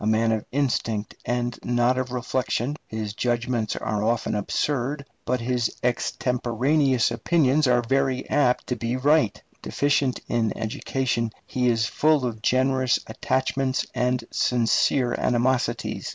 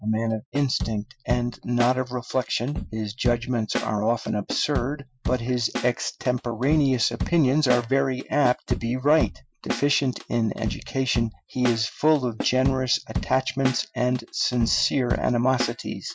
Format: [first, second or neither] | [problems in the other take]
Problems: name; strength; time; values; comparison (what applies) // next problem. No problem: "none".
first | noise reduction (classical method Wiener filter)